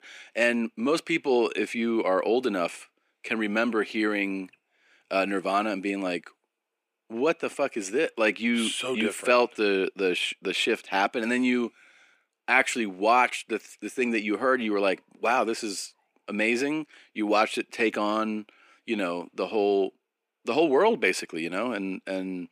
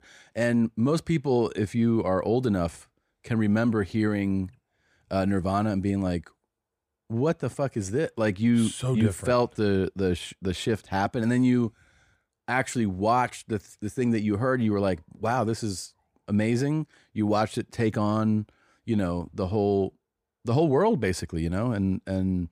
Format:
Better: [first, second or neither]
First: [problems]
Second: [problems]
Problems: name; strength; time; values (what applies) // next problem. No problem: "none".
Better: second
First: thin; somewhat; fading below 250 Hz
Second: none